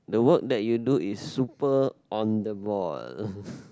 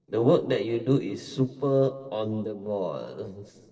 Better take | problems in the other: first | noise reduction (neural separator model SepFormer DNS4)

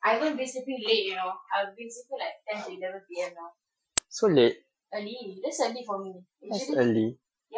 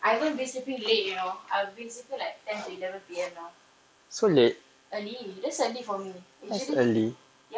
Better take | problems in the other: second | noise reduction (classical method Wiener filter)

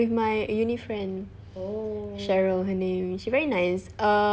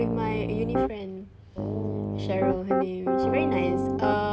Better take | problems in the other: first | background sound (Piano); 3 dB above the speech

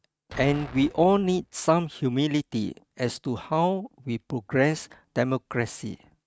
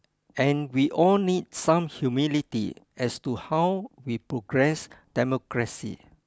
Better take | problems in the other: second | noise reduction (neural mask model RNNoise)

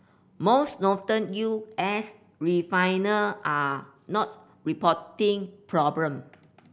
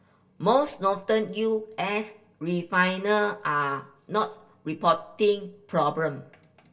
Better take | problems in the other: first | room echo; dies away in 0.1 s

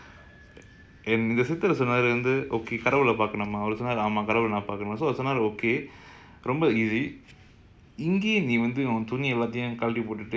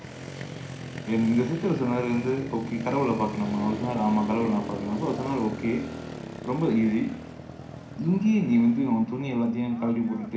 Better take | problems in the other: first | background sound (Motorcycle); 11 dB below the speech // room echo; dies away in 0.4 s

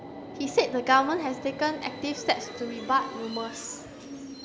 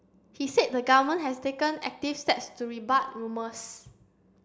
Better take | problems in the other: second | background sound (Subway, metro, underground); 11 dB below the speech

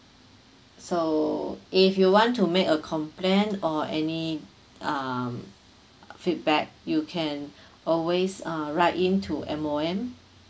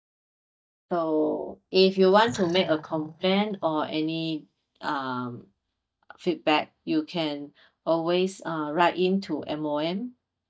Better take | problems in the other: first | noise reduction (neural mask model DeepFilterNet 3)

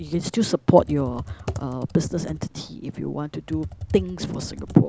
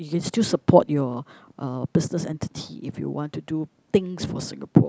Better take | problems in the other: second | background sound (Computer keyboard); 13 dB below the speech

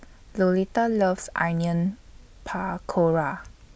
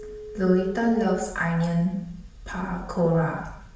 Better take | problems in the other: first | background sound (Telephone); 18 dB below the speech // room echo; dies away in 0.7 s

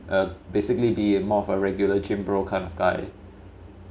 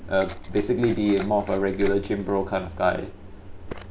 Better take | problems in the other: first | background sound (Liquid); 11 dB below the speech

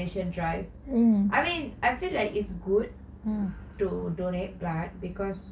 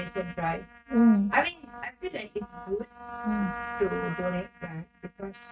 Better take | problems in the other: first | noise reduction (neural mask model RNNoise)

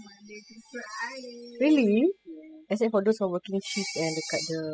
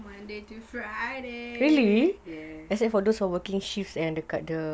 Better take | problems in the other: second | noise reduction (classical method spectral subtraction)

